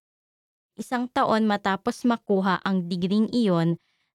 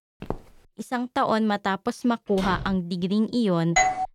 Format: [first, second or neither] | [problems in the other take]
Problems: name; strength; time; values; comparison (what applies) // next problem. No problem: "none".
first | footsteps; faint; at the start; peak 10 dB below the speech // door banging; noticeable; at 2.5 s; peak 8 dB below the speech // doorbell; very faint; at 4 s; peak 3 dB above the speech